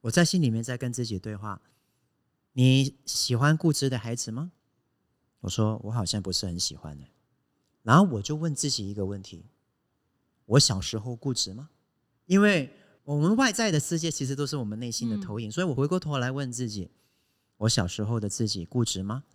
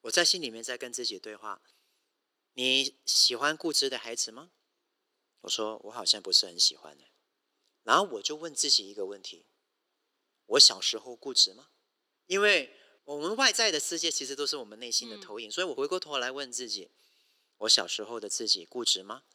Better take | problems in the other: first | thin; very; fading below 400 Hz

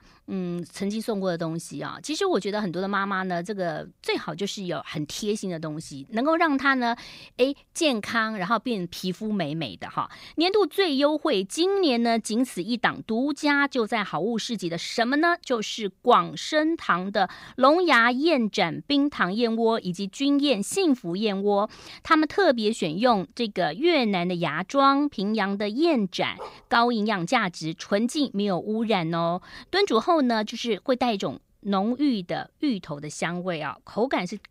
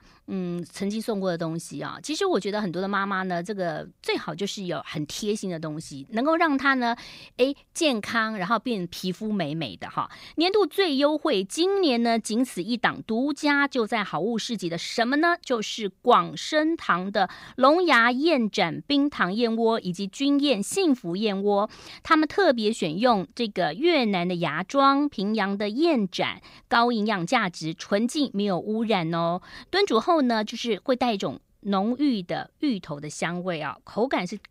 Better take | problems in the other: second | dog barking; faint; at 26 s; peak 15 dB below the speech

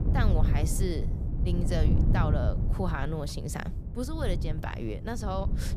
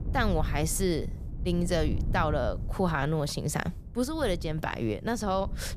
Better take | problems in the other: second | wind noise on the microphone; heavy; 6 dB below the speech; occasional gusts in the second

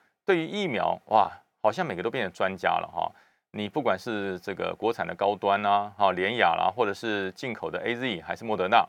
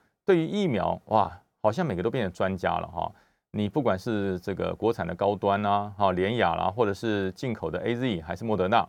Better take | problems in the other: second | thin; very slightly; fading below 600 Hz

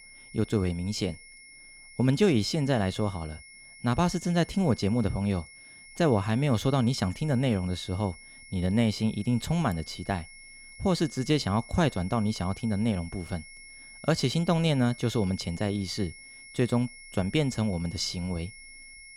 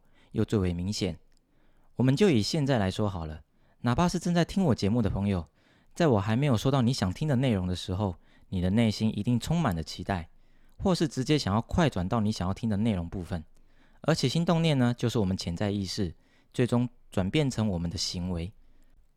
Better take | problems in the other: second | high-pitched whine; noticeable; throughout; 2 kHz, 20 dB below the speech

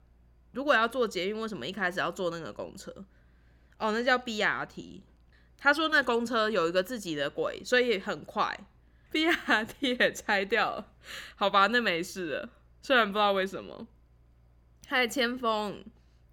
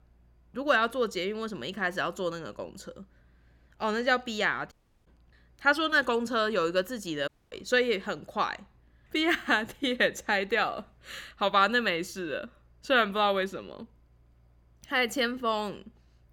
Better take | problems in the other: first | audio cutting out; at 4.5 s and at 7.5 s

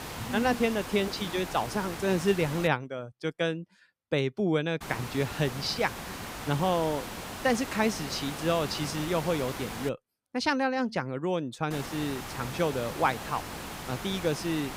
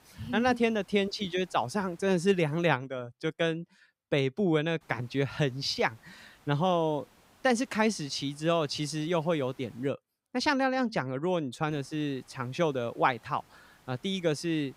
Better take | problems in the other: second | hiss; loud; until 2.5 s, from 5 to 10 s and from 12 s on; 8 dB below the speech; faint in the second

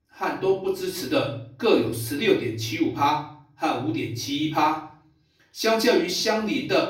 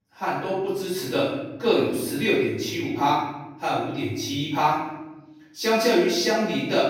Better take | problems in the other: first | room echo; strong; dies away in 1 s; slight in the first // off-mic speech; far; far in the first

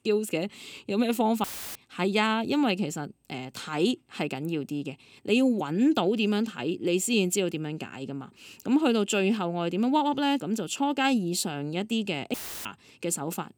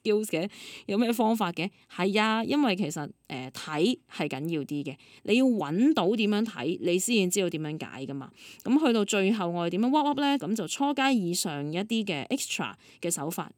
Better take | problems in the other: second | audio cutting out; filled with static; at 1.5 s and at 12 s

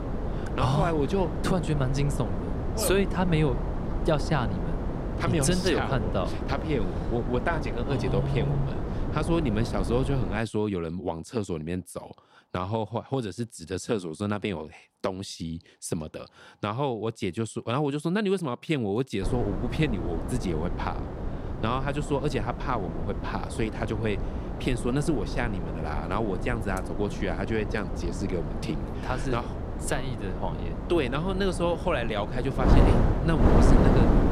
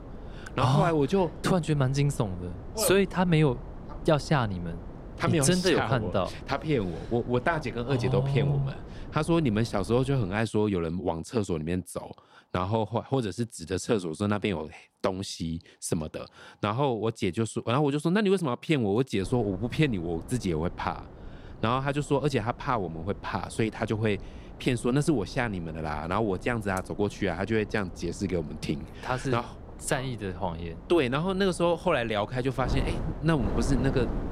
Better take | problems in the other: second | wind noise on the microphone; heavy; until 10 s and from 19 s on; 4 dB below the speech; occasional gusts in the second

